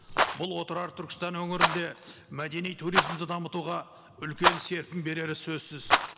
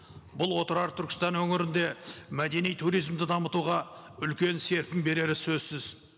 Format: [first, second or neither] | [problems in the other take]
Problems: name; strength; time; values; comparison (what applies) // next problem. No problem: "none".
second | background sound (Rattle); 3 dB above the speech